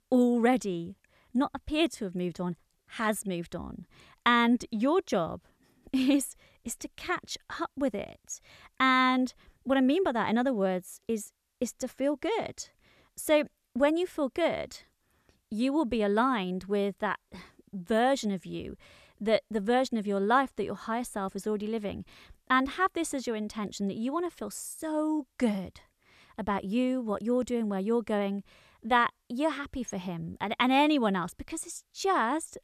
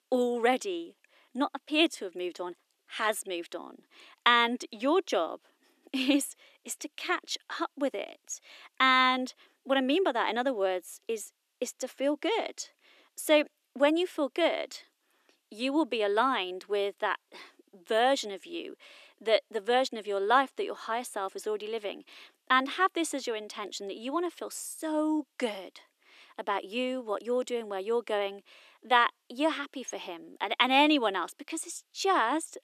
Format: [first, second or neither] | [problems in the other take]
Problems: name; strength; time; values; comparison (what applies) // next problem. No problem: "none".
first | thin; very slightly; fading below 300 Hz